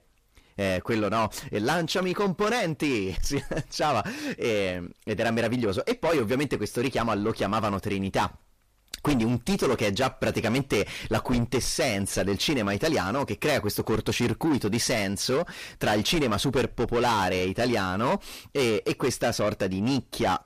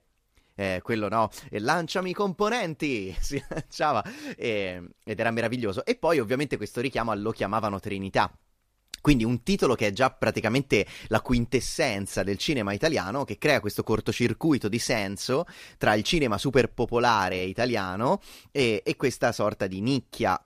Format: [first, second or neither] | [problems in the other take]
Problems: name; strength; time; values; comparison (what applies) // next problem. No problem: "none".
second | distortion; heavy; 7 dB below the speech